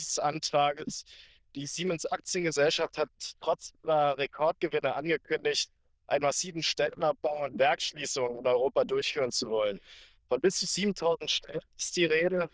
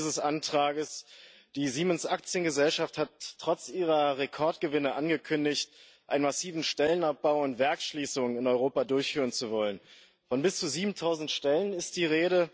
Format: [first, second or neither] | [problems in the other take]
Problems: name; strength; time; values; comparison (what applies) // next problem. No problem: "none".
second | noise reduction (neural diffusion model UNIVERSE++)